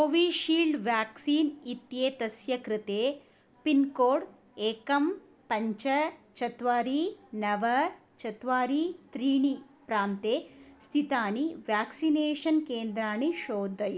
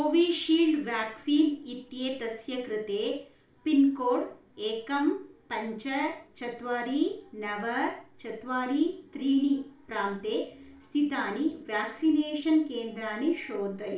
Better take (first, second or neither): first